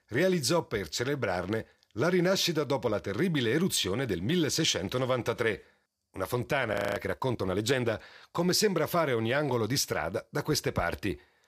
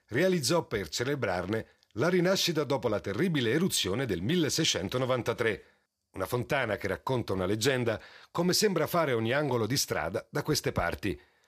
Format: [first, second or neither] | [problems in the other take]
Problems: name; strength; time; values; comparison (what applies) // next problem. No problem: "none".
second | audio freezing; at 6.5 s